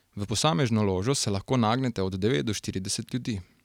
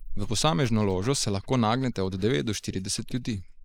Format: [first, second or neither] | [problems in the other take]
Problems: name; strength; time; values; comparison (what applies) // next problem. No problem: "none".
first | noise reduction (neural mask model Resemble Enhance denoiser)